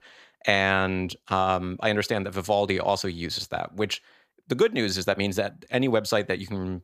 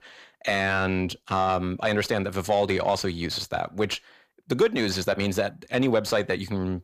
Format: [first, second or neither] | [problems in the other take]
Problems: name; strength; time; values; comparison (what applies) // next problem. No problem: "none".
first | distortion; slight; 10 dB below the speech